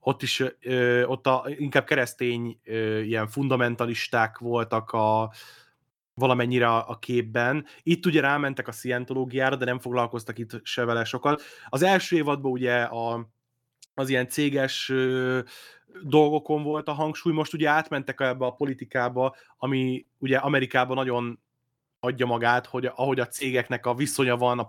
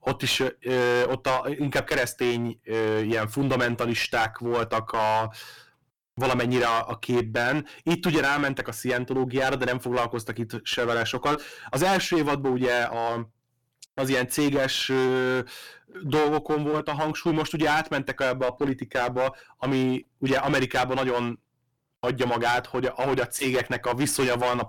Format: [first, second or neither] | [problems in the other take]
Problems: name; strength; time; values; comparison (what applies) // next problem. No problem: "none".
first | distortion; heavy; 13% of the sound clipped